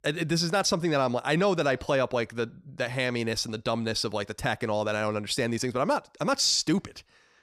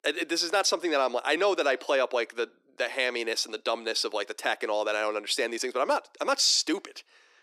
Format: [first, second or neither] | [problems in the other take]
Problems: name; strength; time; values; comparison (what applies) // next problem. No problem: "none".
first | thin; somewhat; fading below 300 Hz